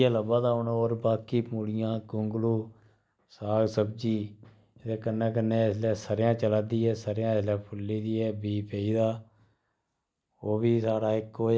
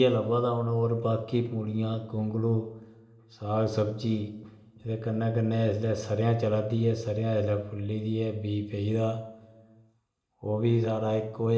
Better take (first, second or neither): first